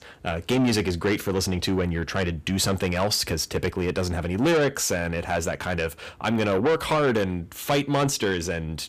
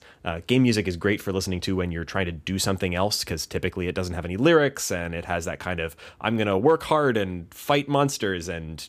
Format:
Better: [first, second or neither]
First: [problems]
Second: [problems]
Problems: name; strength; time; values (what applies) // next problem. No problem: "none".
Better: second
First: distortion; heavy; 7 dB below the speech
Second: none